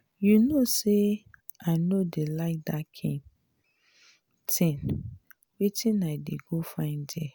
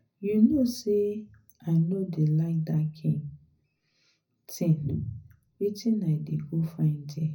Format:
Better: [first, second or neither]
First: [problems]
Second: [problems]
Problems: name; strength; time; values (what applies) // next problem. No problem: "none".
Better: first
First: none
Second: room echo; dies away in 0.4 s